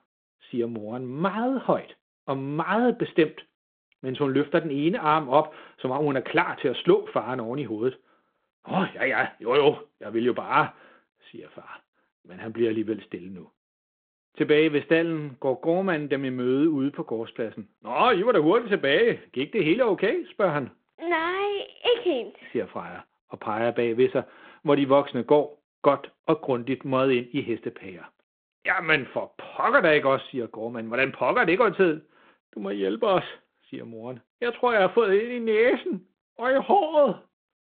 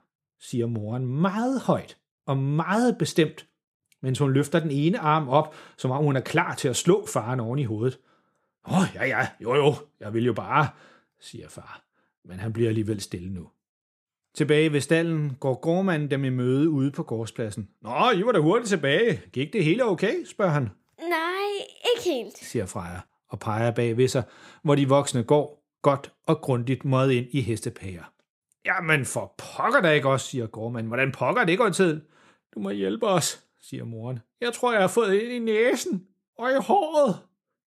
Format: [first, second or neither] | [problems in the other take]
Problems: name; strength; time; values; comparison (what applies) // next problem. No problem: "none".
second | phone-call audio